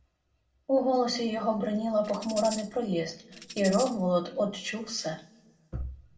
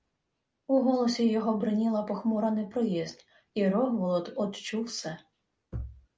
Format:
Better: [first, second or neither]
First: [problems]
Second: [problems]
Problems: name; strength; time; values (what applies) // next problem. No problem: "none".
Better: second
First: background sound (Tambourine); 12 dB below the speech // room echo; dies away in 0.6 s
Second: none